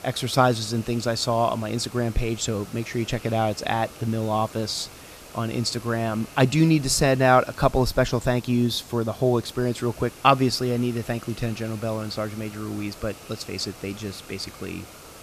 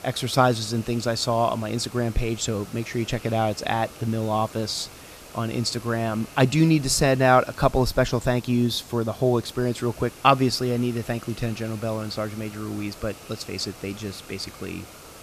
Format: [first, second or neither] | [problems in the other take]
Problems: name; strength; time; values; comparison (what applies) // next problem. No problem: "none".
neither | hiss; noticeable; throughout; 20 dB below the speech; the same in both